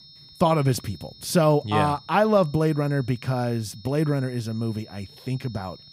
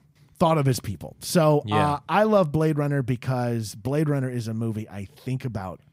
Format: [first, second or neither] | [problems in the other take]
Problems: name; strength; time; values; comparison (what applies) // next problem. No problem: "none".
second | high-pitched whine; faint; throughout; 5.5 kHz, 25 dB below the speech